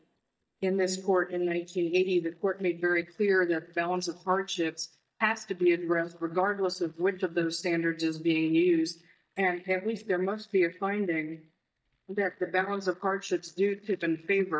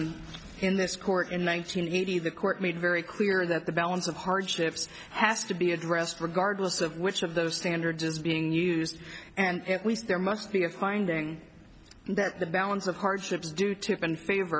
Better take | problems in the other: second | noise reduction (neural mask model DeepFilterNet 3)

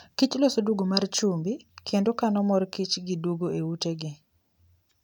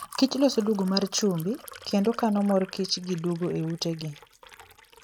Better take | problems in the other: first | noise reduction (neural mask model RNNoise)

